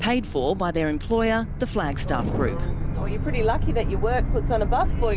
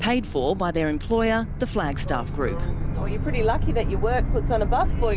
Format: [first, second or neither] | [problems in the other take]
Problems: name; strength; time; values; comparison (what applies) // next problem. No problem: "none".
second | background sound (Fire); 11 dB below the speech